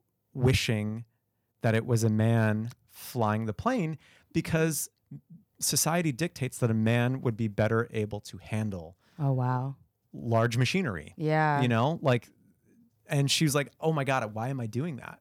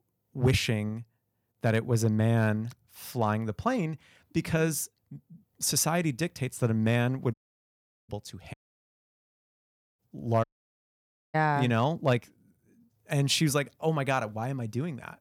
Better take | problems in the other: first | audio cutting out; at 7.5 s for 0.5 s, at 8.5 s for 1.5 s and at 10 s for 1 s

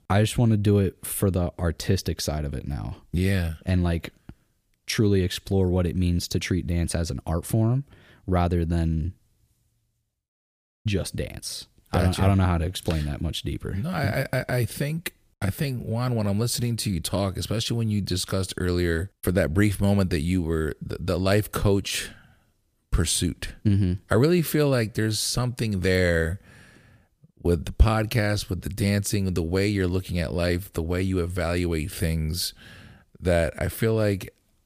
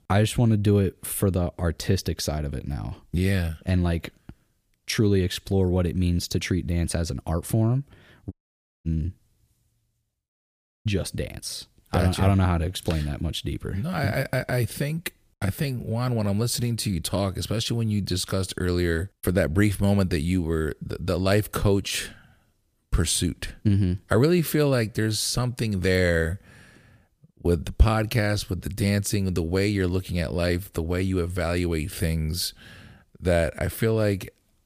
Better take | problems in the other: first | audio cutting out; at 8.5 s for 0.5 s

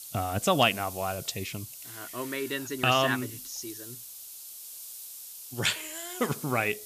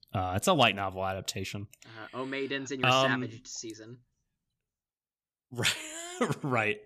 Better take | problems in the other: second | hiss; noticeable; throughout; 10 dB below the speech

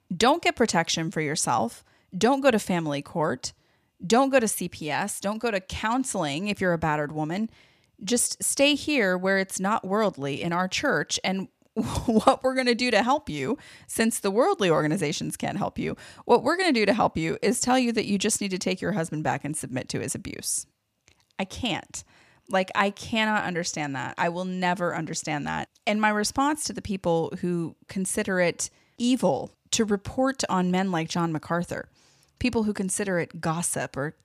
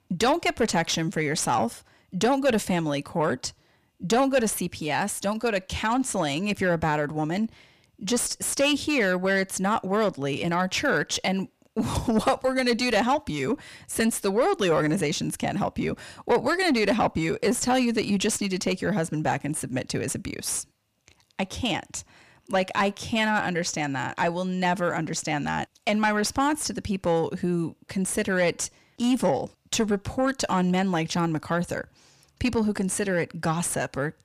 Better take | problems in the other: first | distortion; slight; 10 dB below the speech

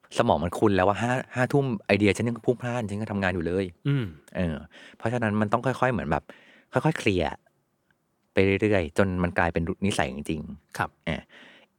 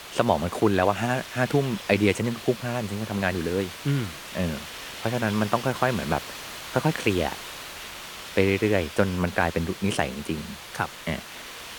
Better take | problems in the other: first | hiss; noticeable; throughout; 10 dB below the speech

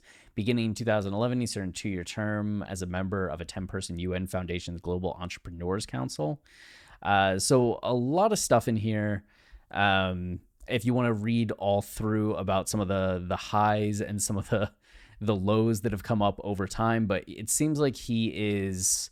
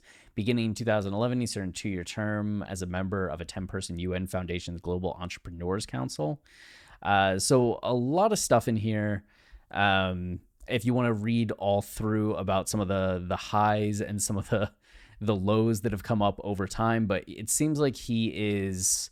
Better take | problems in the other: neither | none

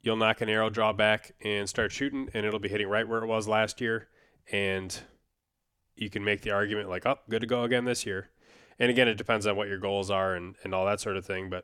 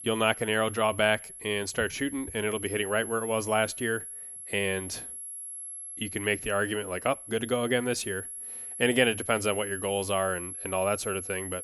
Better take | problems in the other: first | high-pitched whine; loud; throughout; 11 kHz, 9 dB below the speech

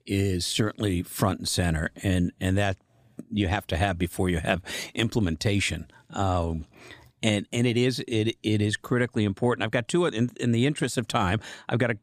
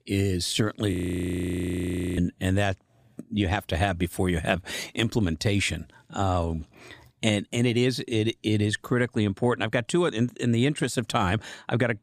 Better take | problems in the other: first | audio freezing; at 1 s for 1 s

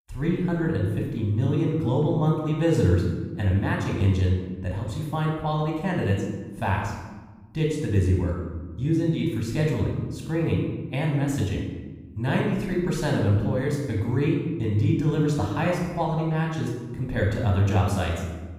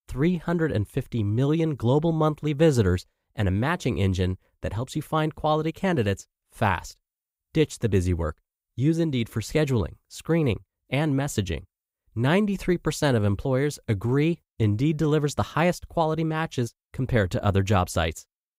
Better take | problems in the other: second | off-mic speech; somewhat distant // room echo; noticeable; dies away in 1.2 s

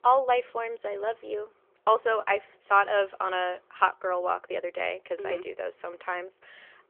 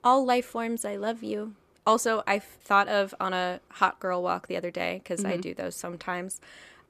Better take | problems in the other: second | phone-call audio; nothing above 3 kHz

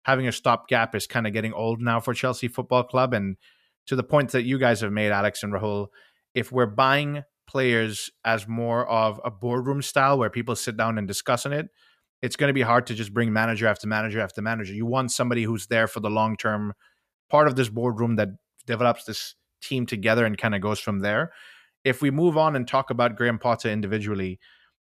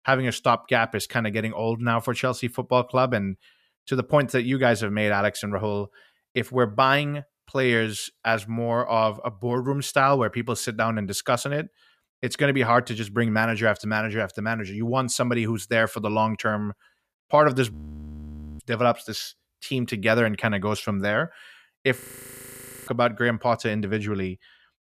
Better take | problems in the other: first | audio freezing; at 18 s for 1 s and at 22 s for 1 s

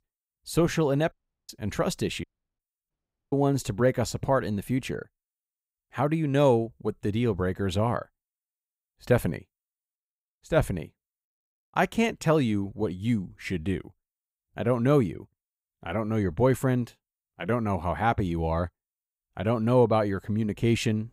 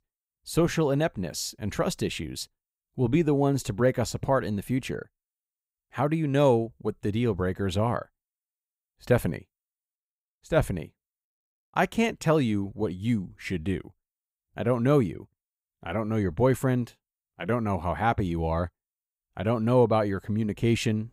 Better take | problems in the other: second | audio cutting out; at 1 s, at 2 s and at 3 s

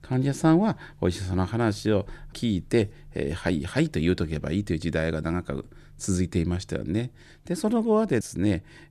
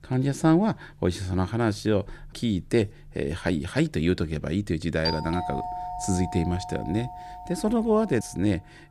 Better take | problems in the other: first | doorbell; noticeable; from 5 to 8 s; peak 4 dB below the speech

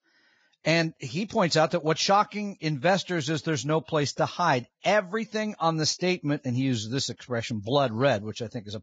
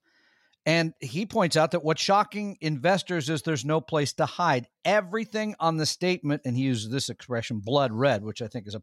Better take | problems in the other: second | garbled, watery; badly; nothing above 7.5 kHz

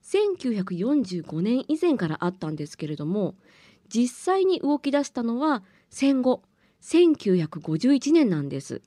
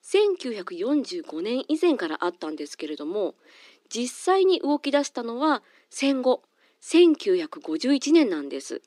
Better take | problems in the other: first | thin; very slightly; fading below 300 Hz

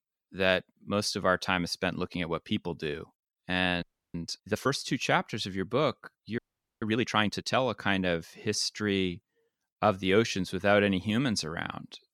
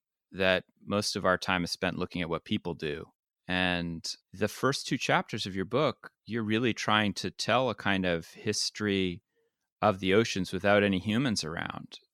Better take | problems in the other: second | audio freezing; at 4 s and at 6.5 s

